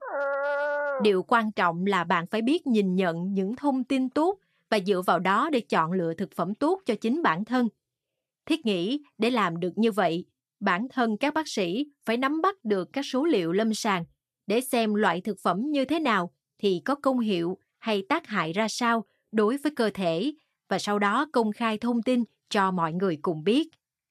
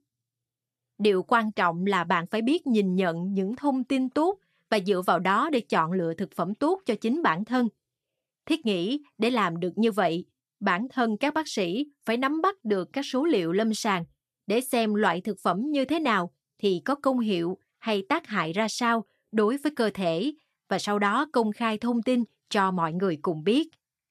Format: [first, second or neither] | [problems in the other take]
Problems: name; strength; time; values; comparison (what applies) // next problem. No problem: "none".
second | dog barking; noticeable; until 1 s; peak 1 dB below the speech